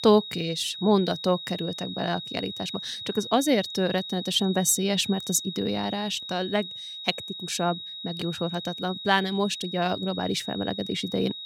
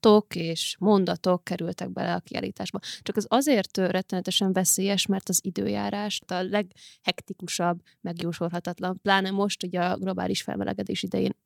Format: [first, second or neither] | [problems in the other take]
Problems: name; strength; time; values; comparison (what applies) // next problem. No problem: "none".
second | high-pitched whine; loud; throughout; 4 kHz, 8 dB below the speech